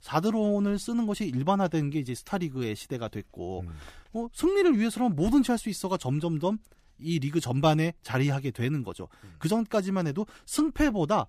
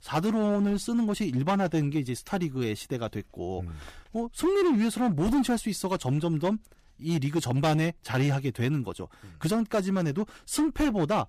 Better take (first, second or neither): first